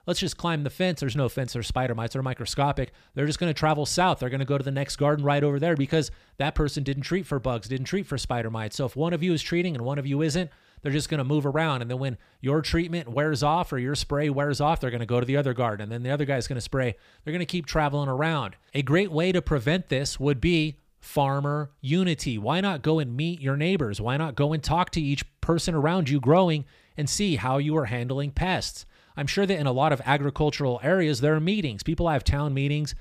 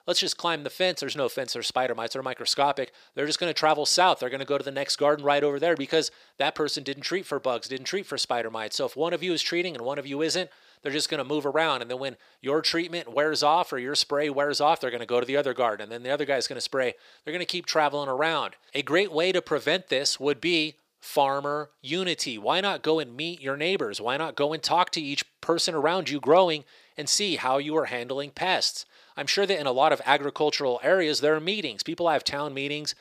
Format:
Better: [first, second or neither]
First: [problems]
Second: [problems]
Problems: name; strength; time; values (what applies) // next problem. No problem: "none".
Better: first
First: none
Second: thin; somewhat; fading below 450 Hz